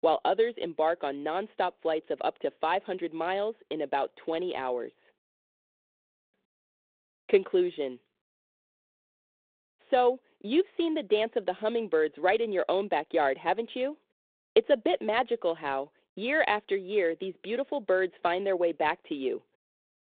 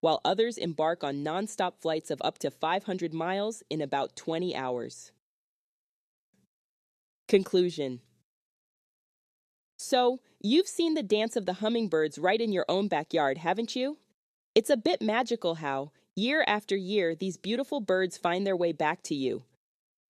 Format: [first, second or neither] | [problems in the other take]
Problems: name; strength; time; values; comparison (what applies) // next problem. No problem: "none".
second | phone-call audio; nothing above 4 kHz